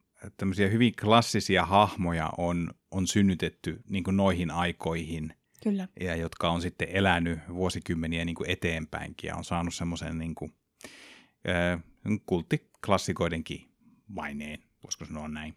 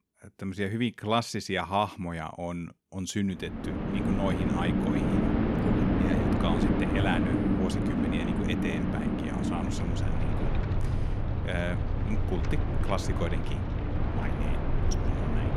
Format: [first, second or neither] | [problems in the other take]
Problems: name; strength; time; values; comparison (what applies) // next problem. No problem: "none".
first | wind in the background; very loud; from 4 s on; 5 dB above the speech